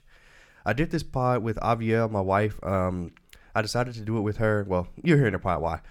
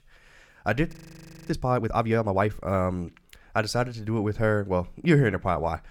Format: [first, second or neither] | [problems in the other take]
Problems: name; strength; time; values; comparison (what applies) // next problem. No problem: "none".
first | audio freezing; at 1 s for 0.5 s